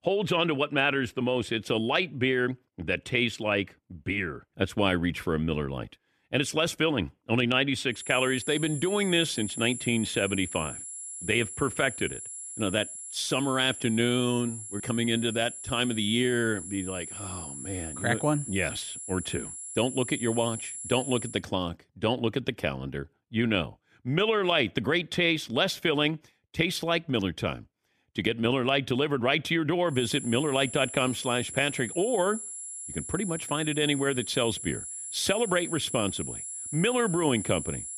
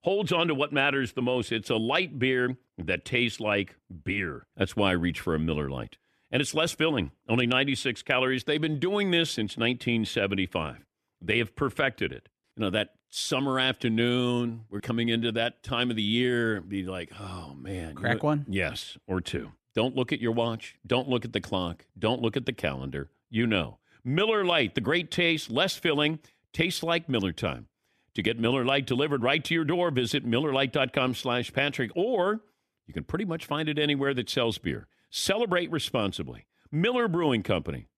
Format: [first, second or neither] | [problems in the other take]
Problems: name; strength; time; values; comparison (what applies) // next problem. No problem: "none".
second | high-pitched whine; loud; from 8 to 21 s and from 30 s on; 10.5 kHz, 9 dB below the speech